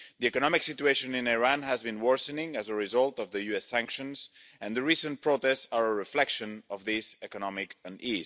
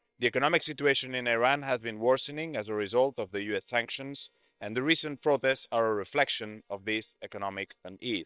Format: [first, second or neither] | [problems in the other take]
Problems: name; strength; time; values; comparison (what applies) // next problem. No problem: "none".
first | noise reduction (neural separator model SepFormer WHAM!)